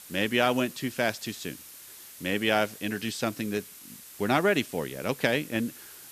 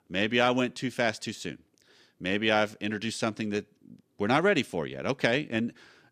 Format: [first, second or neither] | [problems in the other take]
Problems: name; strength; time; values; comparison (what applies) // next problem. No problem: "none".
second | hiss; noticeable; throughout; 15 dB below the speech